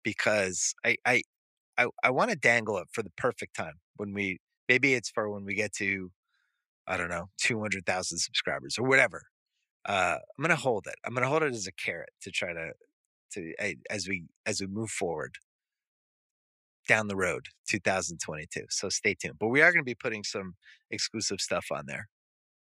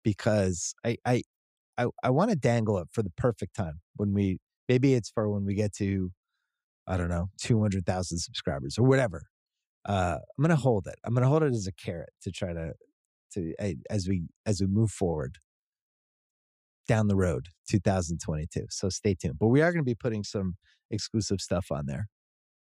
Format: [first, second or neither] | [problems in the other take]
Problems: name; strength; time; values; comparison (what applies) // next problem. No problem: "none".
second | thin; somewhat; fading below 900 Hz